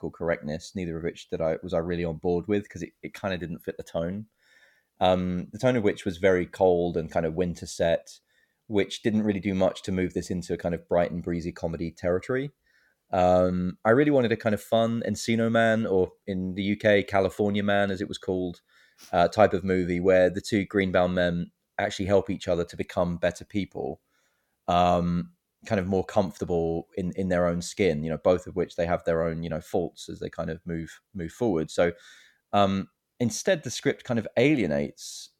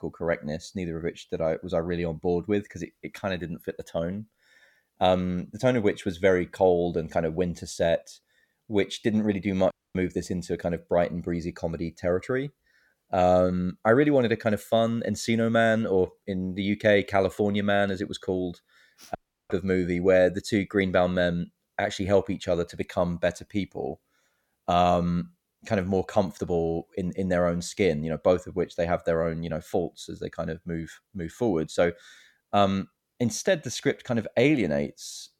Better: first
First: none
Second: audio cutting out; at 9.5 s and at 19 s

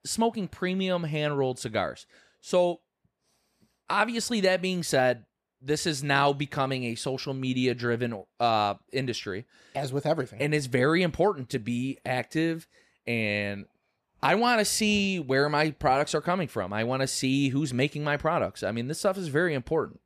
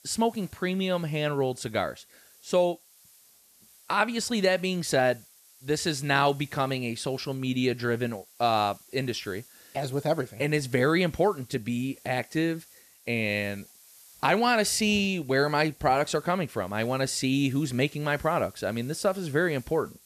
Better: first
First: none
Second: hiss; faint; throughout; 25 dB below the speech

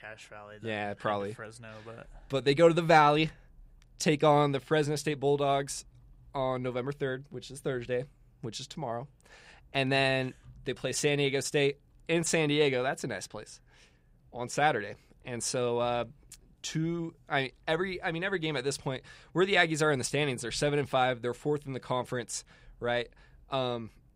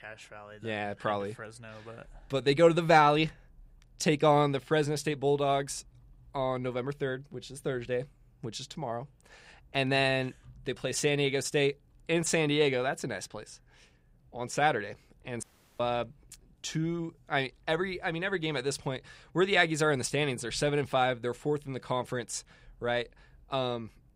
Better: first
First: none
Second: audio cutting out; at 15 s

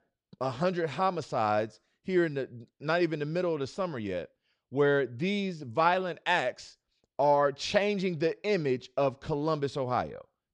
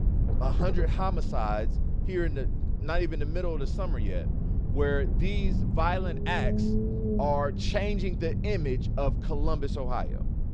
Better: first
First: none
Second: low rumble; loud; throughout; 9 dB below the speech

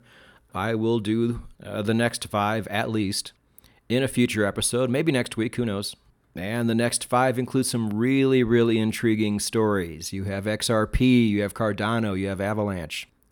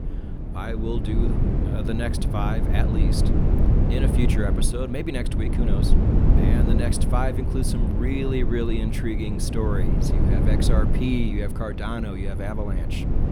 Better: first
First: none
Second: low rumble; loud; throughout; 2 dB below the speech

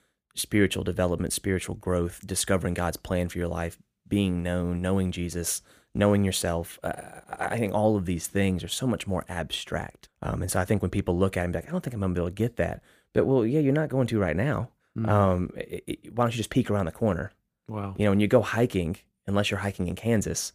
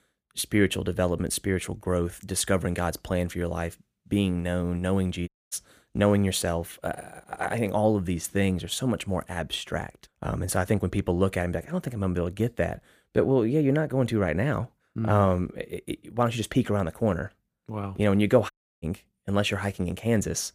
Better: first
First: none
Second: audio cutting out; at 5.5 s and at 19 s

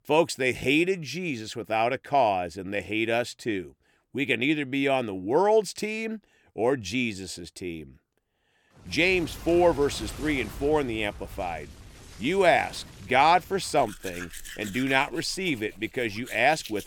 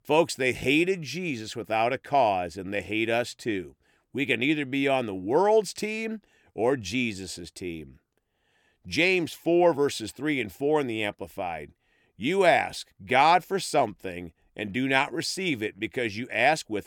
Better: second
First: household noises; noticeable; from 9 s on; 15 dB below the speech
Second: none

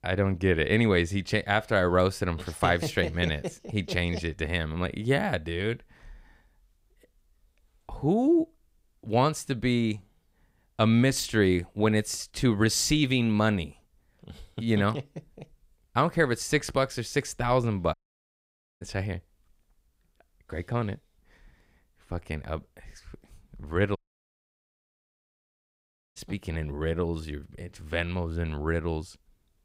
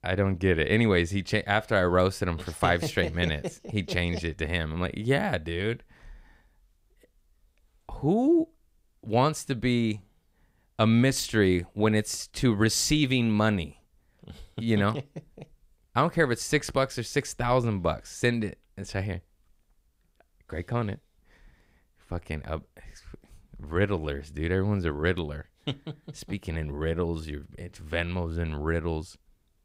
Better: second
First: audio cutting out; at 18 s for 1 s and at 24 s for 2 s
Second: none

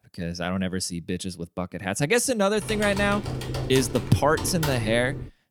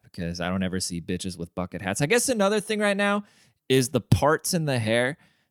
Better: second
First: keyboard typing; noticeable; from 2.5 s on; peak 5 dB below the speech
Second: none

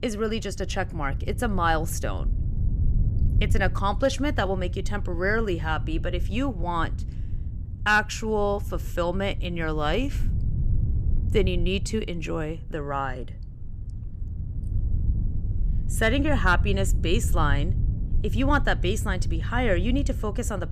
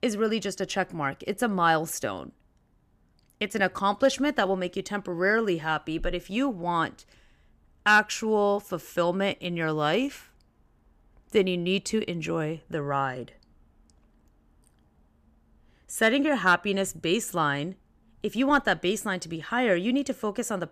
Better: second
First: low rumble; noticeable; throughout; 20 dB below the speech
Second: none

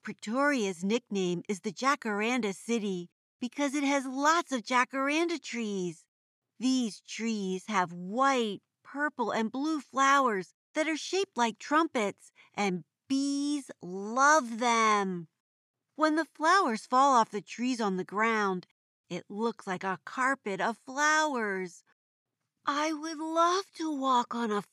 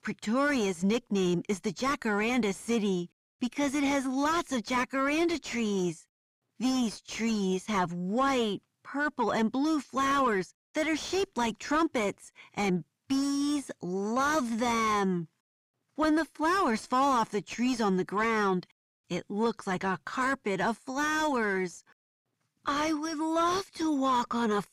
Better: first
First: none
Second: distortion; heavy; 7 dB below the speech

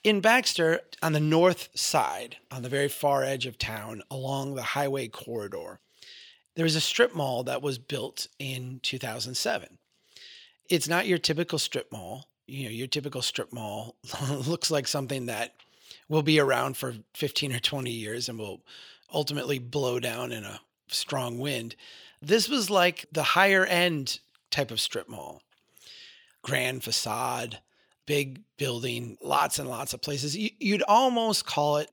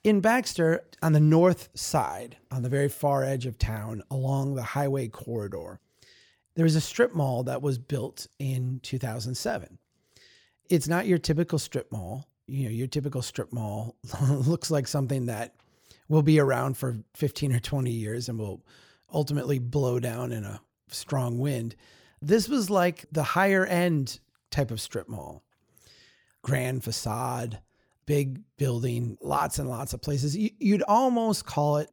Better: second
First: thin; very slightly; fading below 450 Hz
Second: none

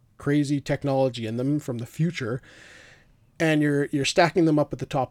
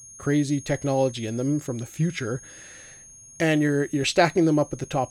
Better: first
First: none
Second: high-pitched whine; noticeable; throughout; 6.5 kHz, 20 dB below the speech

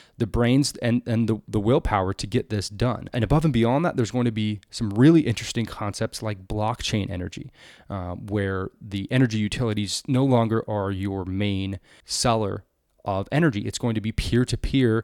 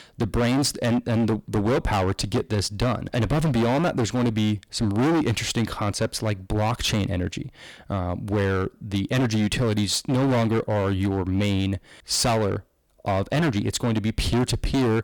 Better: first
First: none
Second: distortion; heavy; 21% of the sound clipped

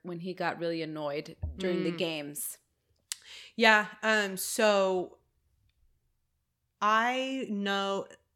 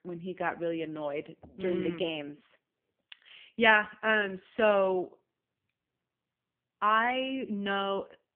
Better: first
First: none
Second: phone-call audio; poor line; nothing above 3 kHz

